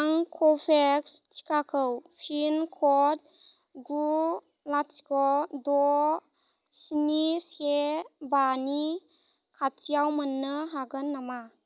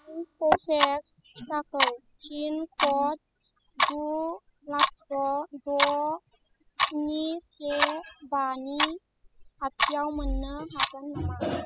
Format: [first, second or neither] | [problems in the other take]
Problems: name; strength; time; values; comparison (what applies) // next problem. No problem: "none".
first | noise reduction (classical method spectral subtraction)